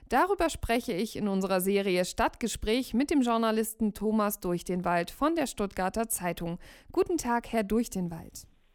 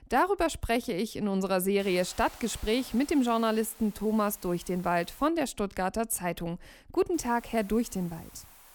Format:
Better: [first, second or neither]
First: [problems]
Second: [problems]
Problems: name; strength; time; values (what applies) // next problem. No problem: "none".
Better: first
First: none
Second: hiss; faint; from 2 to 5.5 s and from 7 s on; 20 dB below the speech